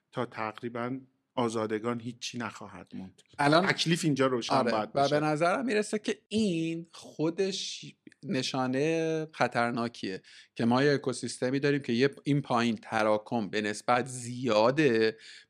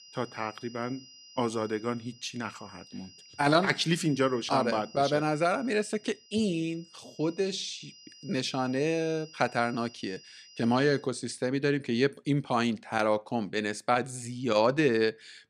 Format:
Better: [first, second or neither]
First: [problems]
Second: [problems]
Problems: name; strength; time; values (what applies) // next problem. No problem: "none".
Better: first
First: none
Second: high-pitched whine; faint; until 11 s; 5 kHz, 20 dB below the speech